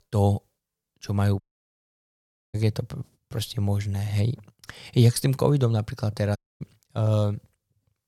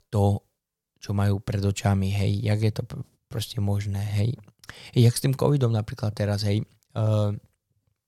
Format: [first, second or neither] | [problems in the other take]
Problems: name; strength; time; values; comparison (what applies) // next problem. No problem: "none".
second | audio cutting out; at 1.5 s for 1 s and at 6.5 s